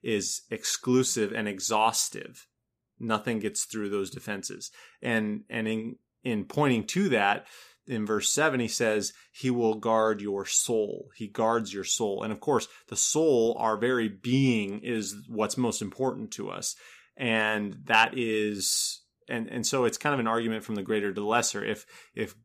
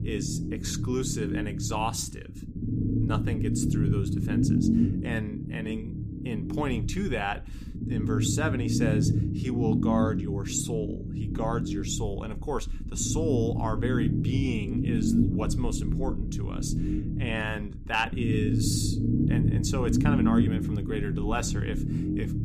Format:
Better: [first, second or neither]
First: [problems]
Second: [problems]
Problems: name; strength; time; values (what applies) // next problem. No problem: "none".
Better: first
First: none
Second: low rumble; loud; throughout; 2 dB below the speech